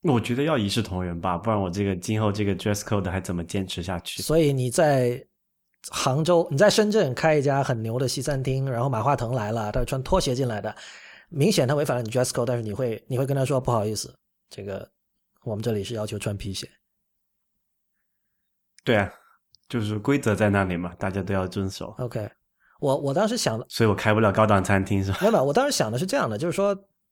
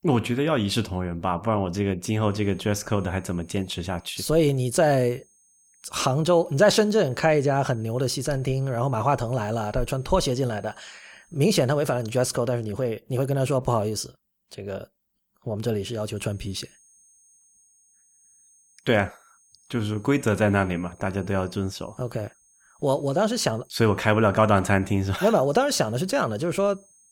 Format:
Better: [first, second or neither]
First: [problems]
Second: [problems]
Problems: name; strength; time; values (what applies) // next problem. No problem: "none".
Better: first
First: none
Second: high-pitched whine; faint; from 2 to 12 s and from 16 s on; 6.5 kHz, 30 dB below the speech